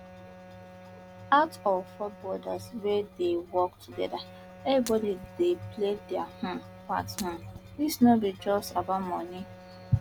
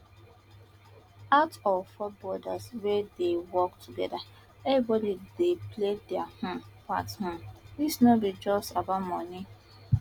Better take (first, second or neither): second